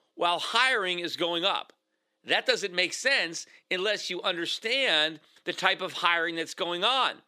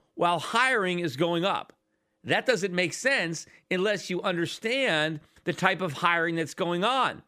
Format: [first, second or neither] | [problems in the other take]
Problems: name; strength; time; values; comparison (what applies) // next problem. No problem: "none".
second | thin; somewhat; fading below 350 Hz